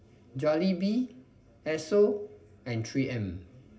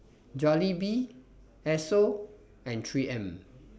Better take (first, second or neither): second